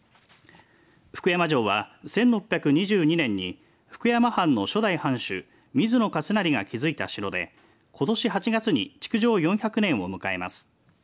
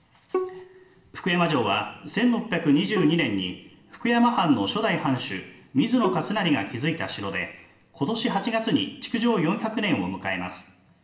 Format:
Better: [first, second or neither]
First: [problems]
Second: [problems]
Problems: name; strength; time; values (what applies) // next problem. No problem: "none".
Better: first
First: none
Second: background sound (Bowed string instrument); 11 dB below the speech // room echo; dies away in 1 s